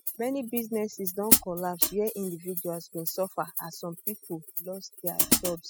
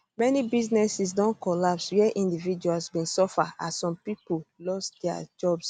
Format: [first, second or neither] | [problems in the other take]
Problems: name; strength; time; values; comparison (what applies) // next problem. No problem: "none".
second | noise reduction (classical method spectral subtraction)